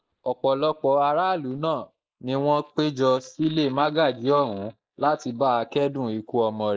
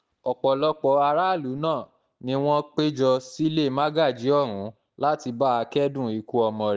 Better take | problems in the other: second | noise reduction (neural mask model Resemble Enhance denoiser)

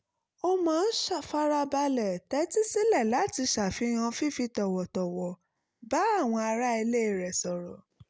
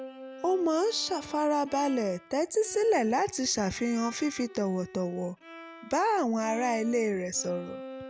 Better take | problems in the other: first | background sound (Bowed string instrument); 17 dB below the speech

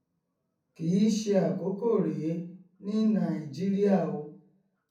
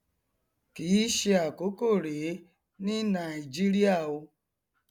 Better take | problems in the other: second | room echo; dies away in 0.6 s

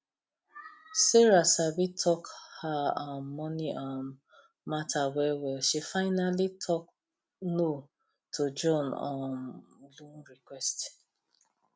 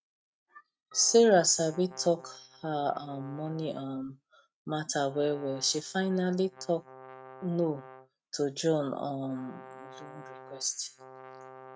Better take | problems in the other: first | noise reduction (neural mask model RNNoise)

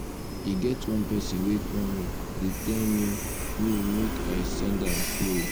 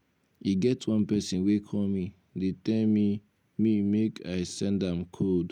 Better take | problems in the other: second | background sound (Train); 2 dB below the speech

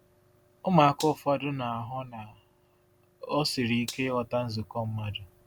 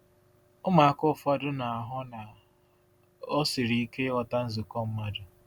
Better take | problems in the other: second | background sound (Gunshot, gunfire); 17 dB below the speech

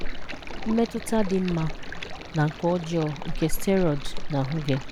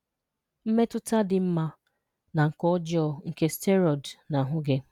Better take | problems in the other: second | background sound (Stream); 3 dB below the speech

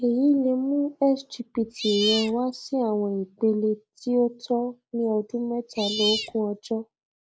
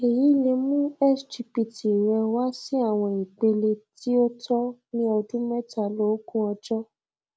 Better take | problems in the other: second | noise reduction (neural mask model Resemble Enhance denoiser)

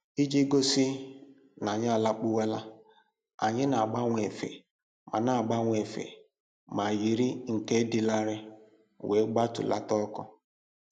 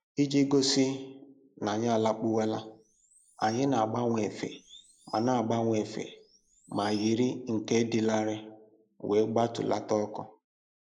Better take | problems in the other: first | noise reduction (neural mask model Resemble Enhance denoiser)

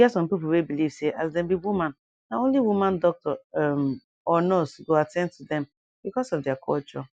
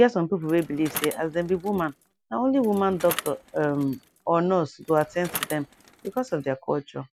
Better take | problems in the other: first | background sound (Bicycle); 14 dB below the speech

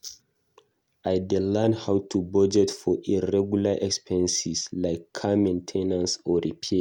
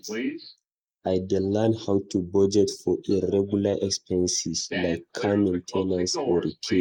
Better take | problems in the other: first | noise reduction (neural mask model Resemble Enhance denoiser)

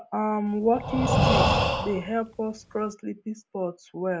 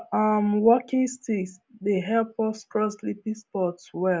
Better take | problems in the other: second | background sound (Breathing); 3 dB above the speech

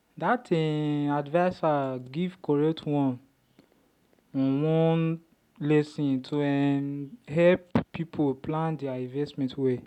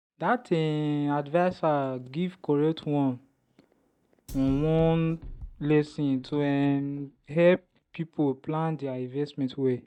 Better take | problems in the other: first | noise reduction (neural mask model DeepFilterNet 3)

